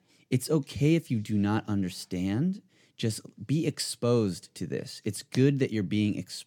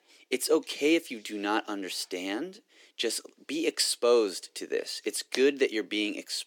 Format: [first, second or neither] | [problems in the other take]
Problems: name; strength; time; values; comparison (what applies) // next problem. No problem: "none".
first | thin; very; fading below 350 Hz